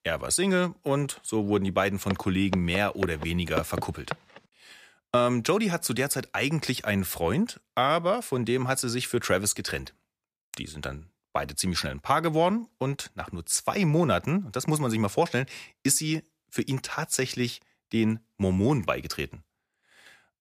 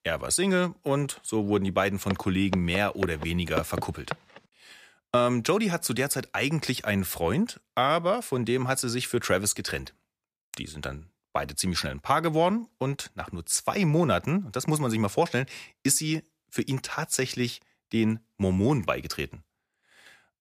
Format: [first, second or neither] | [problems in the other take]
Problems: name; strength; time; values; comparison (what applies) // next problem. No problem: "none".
neither | footsteps; noticeable; from 2 to 4 s; peak 7 dB below the speech; the same in both